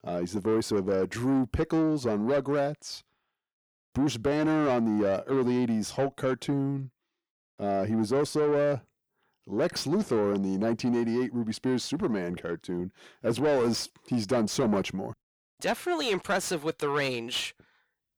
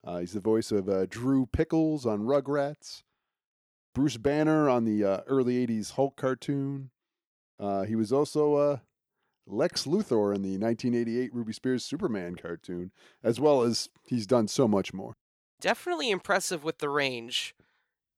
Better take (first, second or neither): second